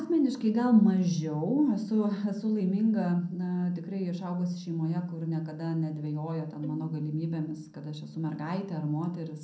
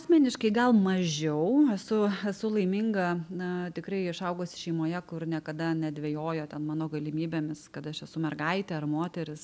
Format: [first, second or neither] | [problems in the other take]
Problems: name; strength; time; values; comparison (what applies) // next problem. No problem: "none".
second | background sound (Bowed string instrument); 18 dB below the speech // room echo; dies away in 0.6 s